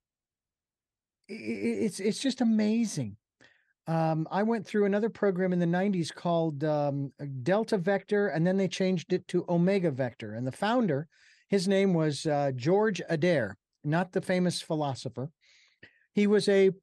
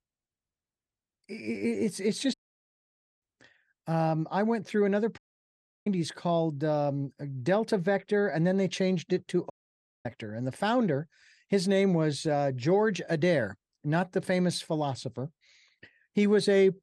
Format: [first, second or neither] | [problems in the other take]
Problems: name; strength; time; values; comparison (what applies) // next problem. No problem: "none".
first | audio cutting out; at 2.5 s for 1 s, at 5 s for 0.5 s and at 9.5 s for 0.5 s